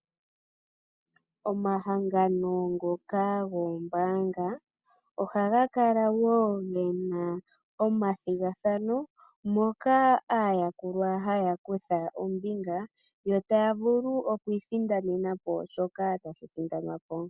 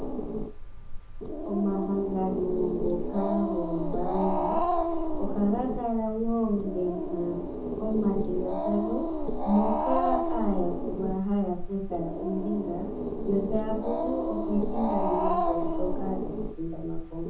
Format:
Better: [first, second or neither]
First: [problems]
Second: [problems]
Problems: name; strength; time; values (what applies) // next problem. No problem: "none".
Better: first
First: none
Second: background sound (Growling); 1 dB above the speech // room echo; dies away in 0.5 s